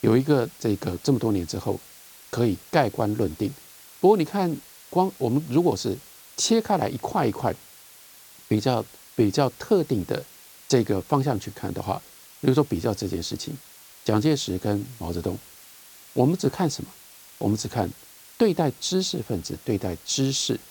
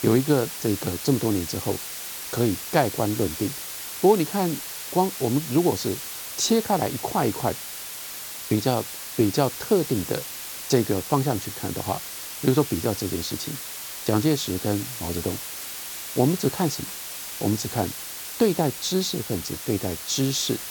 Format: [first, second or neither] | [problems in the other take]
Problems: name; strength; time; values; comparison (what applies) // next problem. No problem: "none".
first | hiss; loud; throughout; 7 dB below the speech; faint in the first